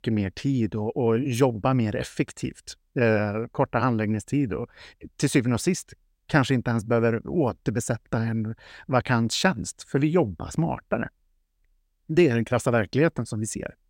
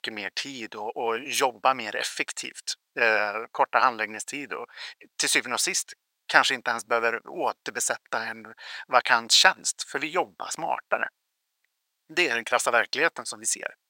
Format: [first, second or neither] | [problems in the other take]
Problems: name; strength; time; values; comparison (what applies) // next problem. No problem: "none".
first | thin; very; fading below 1 kHz